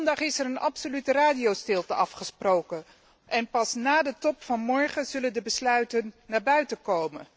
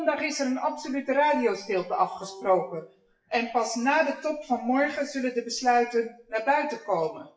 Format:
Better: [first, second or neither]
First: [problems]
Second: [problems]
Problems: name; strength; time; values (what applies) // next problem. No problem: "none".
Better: first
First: none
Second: noise reduction (classical method WPE with log-MMSE)